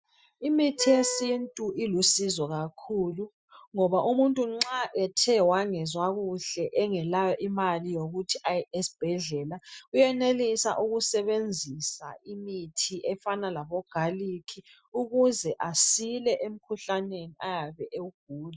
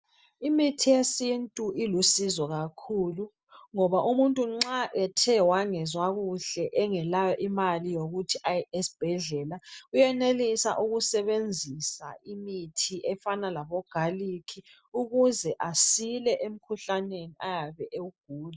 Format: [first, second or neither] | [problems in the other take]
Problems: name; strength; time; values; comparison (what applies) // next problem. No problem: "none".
second | noise reduction (classical method Wiener filter)